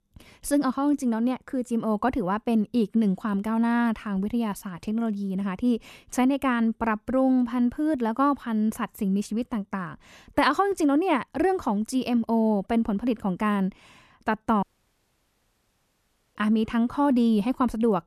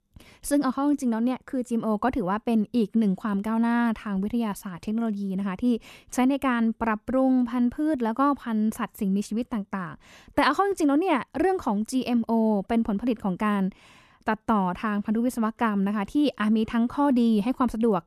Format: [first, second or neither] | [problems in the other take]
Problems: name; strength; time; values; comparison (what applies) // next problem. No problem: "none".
second | audio cutting out; at 15 s for 1.5 s